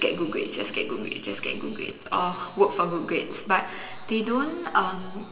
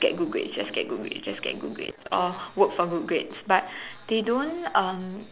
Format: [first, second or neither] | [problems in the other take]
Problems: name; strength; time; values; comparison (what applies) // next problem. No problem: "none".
second | room echo; dies away in 1.6 s